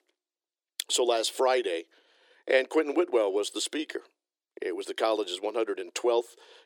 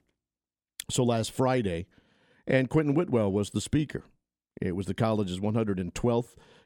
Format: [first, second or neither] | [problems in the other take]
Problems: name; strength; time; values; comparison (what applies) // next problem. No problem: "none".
second | thin; very; fading below 350 Hz